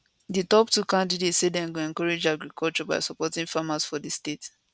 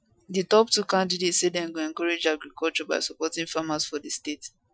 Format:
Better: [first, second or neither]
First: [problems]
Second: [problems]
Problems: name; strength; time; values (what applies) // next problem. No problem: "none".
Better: first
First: none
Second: noise reduction (classical method Wiener filter)